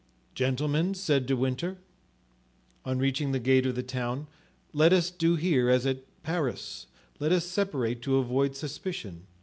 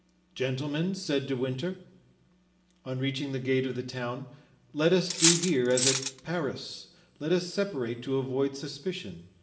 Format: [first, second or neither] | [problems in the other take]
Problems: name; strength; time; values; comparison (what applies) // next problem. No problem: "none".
first | background sound (Cutlery, silverware); 3 dB above the speech // room echo; dies away in 0.7 s